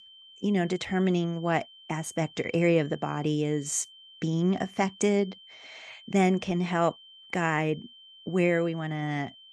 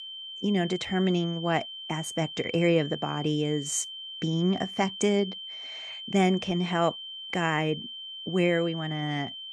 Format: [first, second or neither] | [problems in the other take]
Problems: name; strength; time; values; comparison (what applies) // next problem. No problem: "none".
first | high-pitched whine; loud; throughout; 3 kHz, 9 dB below the speech; faint in the first